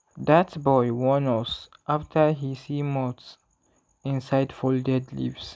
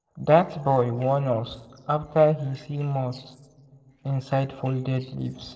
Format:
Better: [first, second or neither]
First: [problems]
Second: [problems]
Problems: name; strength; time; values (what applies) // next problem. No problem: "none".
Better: first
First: none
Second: noise reduction (neural separator model SepFormer DNS4)